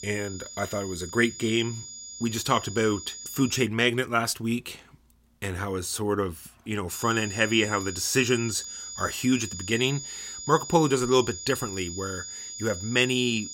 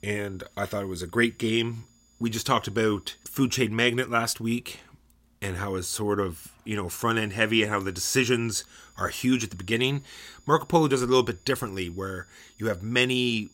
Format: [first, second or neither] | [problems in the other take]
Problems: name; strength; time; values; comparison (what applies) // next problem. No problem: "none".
second | high-pitched whine; loud; until 3.5 s and from 7 s on; 7 kHz, 10 dB below the speech; faint in the second